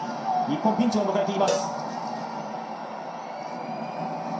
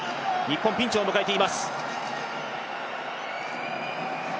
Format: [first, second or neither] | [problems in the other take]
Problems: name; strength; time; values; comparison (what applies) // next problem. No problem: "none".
second | background sound (Cowbell); 8 dB below the speech // room echo; dies away in 0.5 s